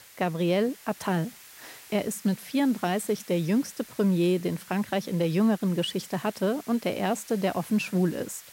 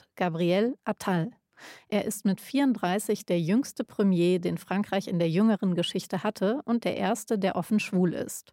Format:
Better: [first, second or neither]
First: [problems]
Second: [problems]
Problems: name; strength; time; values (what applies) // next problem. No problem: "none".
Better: second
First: hiss; noticeable; throughout; 20 dB below the speech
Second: none